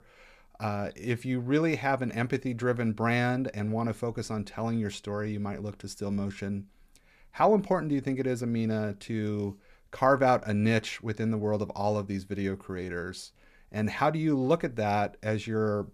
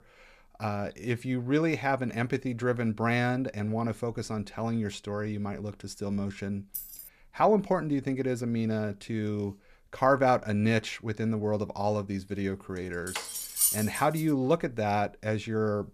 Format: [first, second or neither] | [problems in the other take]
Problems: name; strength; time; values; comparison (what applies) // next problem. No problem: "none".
first | jangling keys; noticeable; at 6.5 s; peak 8 dB below the speech // clattering dishes; loud; from 13 to 14 s; peak 5 dB above the speech